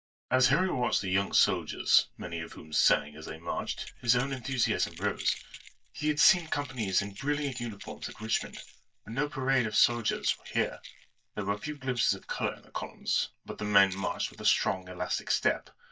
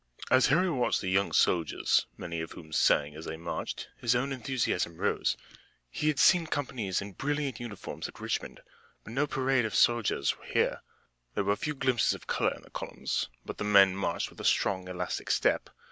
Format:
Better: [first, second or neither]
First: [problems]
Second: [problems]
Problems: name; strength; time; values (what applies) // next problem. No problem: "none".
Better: second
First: noise reduction (neural mask model DeepFilterNet 3)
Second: none